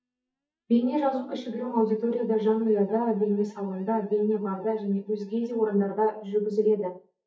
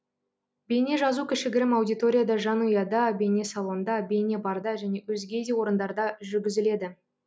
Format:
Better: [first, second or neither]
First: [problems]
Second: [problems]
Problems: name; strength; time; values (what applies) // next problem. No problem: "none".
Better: second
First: noise reduction (neural mask model DeepFilterNet 3)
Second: none